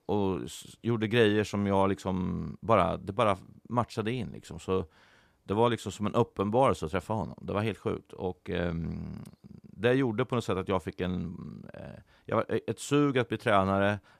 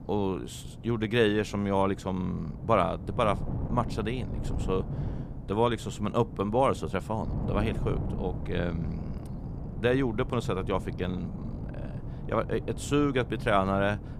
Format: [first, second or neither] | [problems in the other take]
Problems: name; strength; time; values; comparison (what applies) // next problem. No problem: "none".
first | wind noise on the microphone; occasional gusts; 15 dB below the speech